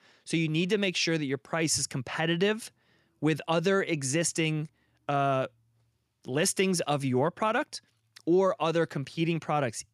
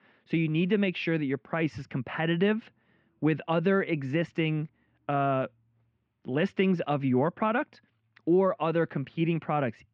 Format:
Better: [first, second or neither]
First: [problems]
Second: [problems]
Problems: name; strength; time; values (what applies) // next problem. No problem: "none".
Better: first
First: none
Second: muffled; very; fading above 3 kHz